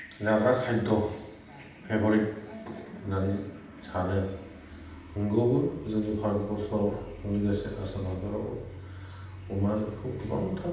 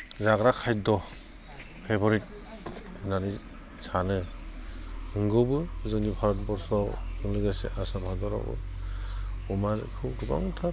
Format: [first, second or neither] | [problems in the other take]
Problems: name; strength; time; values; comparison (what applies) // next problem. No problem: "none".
second | room echo; dies away in 0.8 s